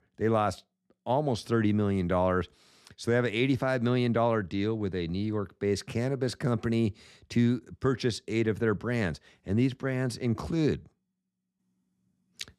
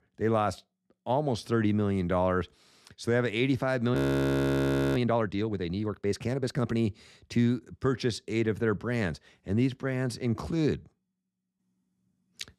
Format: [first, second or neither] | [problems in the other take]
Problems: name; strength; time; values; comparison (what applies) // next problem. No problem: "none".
first | audio freezing; at 4 s for 1 s